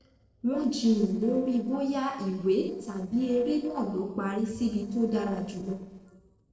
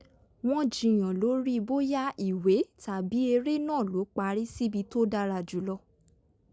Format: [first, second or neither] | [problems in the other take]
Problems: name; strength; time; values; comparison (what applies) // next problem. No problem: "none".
second | noise reduction (neural separator model SepFormer DNS4)